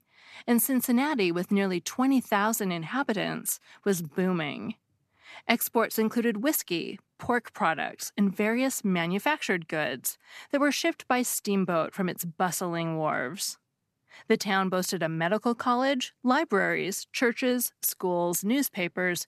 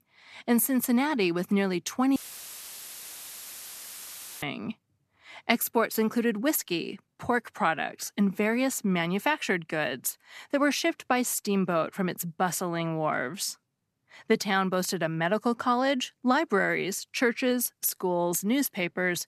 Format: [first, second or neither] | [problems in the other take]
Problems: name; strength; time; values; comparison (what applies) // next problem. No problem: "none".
first | audio cutting out; filled with static; at 2 s for 2.5 s